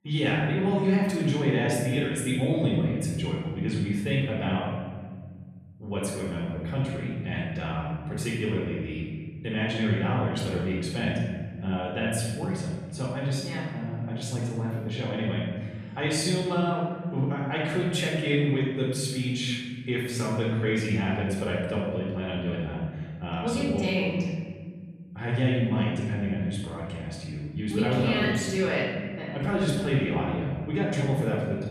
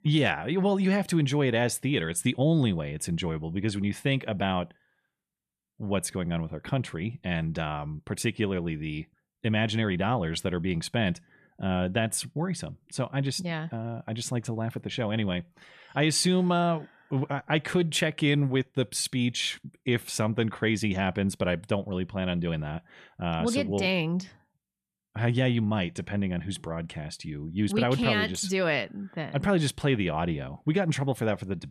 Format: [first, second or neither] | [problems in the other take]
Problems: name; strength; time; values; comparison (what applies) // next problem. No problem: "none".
second | off-mic speech; far // room echo; noticeable; dies away in 1.7 s